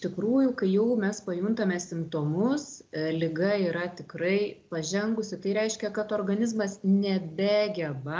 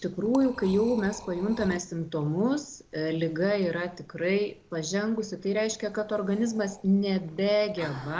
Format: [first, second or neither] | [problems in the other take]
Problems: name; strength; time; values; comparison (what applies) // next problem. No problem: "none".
first | background sound (Liquid); 20 dB below the speech